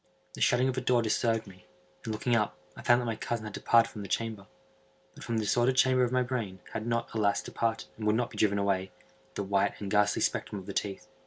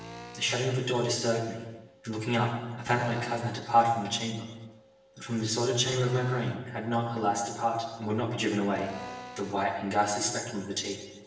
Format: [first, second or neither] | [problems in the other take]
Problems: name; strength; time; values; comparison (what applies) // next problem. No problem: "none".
first | background sound (Drill); 19 dB below the speech // room echo; dies away in 1 s